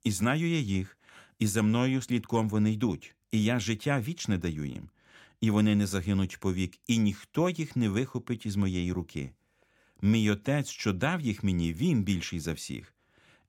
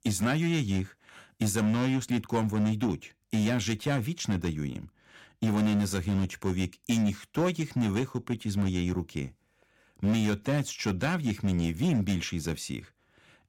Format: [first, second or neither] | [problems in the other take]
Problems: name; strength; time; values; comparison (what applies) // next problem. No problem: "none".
first | distortion; slight; 7% of the sound clipped